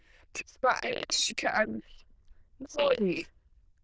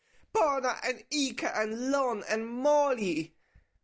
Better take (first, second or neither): second